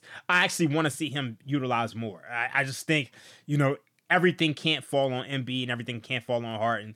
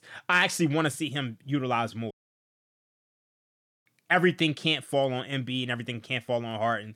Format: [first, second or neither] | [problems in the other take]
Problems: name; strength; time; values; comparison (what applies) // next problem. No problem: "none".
first | audio cutting out; at 2 s for 2 s